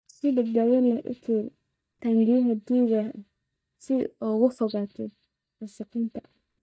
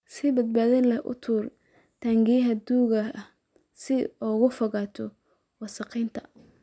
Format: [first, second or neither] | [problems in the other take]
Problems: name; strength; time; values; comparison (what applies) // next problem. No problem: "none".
second | noise reduction (neural mask model DeepFilterNet 3)